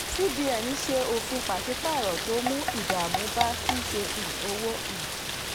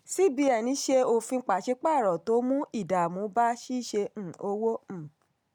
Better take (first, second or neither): second